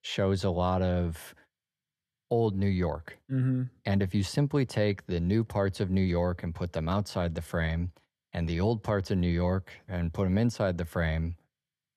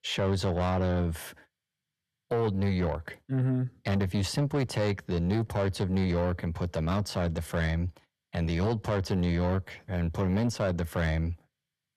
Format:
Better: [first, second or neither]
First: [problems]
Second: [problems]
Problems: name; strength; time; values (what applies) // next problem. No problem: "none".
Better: first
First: none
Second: distortion; slight; 10 dB below the speech